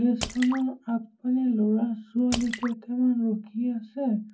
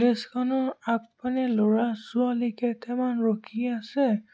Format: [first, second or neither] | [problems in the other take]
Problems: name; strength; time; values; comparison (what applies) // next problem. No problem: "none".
second | background sound (Drip / Splash, splatter); 14 dB below the speech // room echo; dies away in 0.3 s